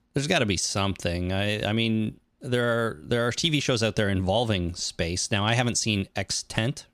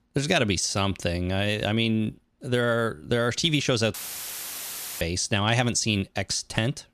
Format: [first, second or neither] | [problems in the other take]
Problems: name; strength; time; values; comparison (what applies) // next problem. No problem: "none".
first | audio cutting out; filled with static; at 4 s for 1 s